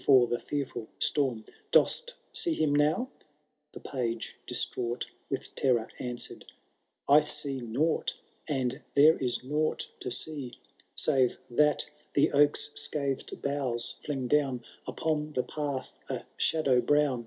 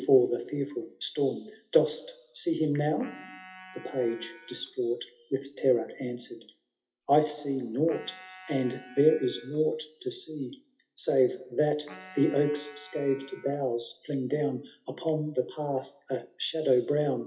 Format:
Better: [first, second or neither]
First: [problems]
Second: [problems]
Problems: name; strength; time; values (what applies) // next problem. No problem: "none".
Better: first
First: none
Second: noise reduction (classical method WPE with log-MMSE)